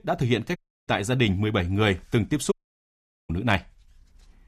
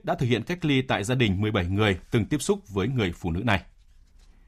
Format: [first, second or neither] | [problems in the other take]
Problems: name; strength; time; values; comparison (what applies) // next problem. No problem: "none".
second | audio cutting out; at 0.5 s and at 2.5 s for 1 s